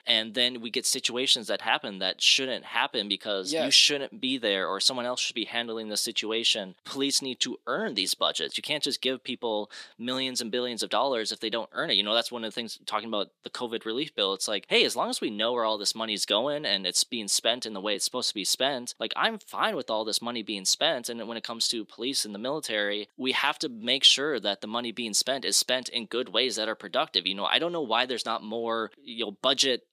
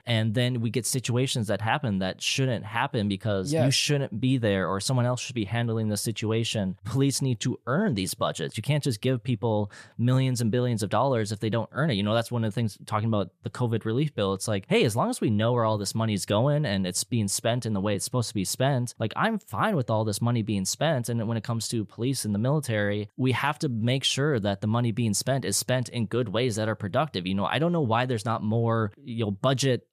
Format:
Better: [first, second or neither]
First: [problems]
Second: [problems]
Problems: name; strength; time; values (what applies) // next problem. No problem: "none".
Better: second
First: thin; somewhat; fading below 250 Hz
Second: none